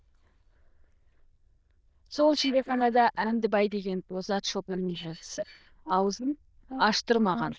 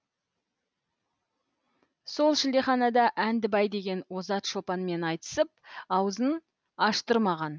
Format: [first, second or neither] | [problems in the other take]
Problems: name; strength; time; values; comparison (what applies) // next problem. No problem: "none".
second | noise reduction (neural diffusion model UNIVERSE++)